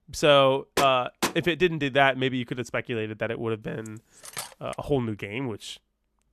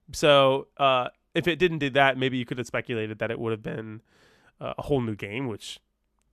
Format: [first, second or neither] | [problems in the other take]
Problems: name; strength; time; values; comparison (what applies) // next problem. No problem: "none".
second | door banging; noticeable; at 1 s; peak 4 dB below the speech // clattering dishes; faint; at 4 s; peak 10 dB below the speech